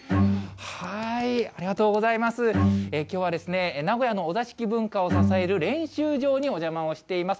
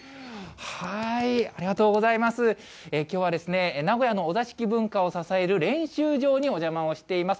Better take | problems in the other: second | background sound (Bowed string instrument); 3 dB below the speech

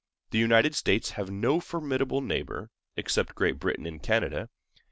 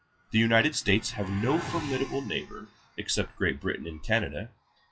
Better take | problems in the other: first | noise reduction (classical method WPE with log-MMSE)

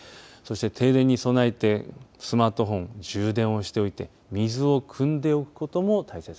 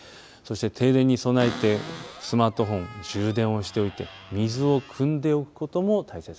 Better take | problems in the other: first | background sound (Cupboard open or close); 16 dB below the speech

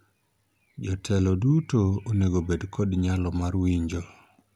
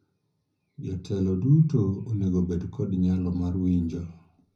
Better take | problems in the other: first | room echo; dies away in 0.4 s

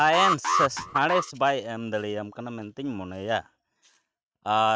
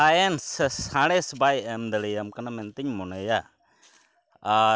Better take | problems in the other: second | noise reduction (neural mask model RNNoise)

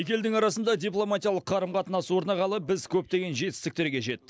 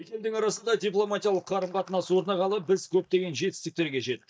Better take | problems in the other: first | noise reduction (neural mask model DeepFilterNet 3)

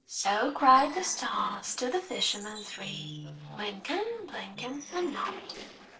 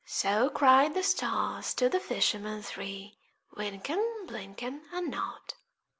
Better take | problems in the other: second | noise reduction (neural separator model SepFormer DNS4)

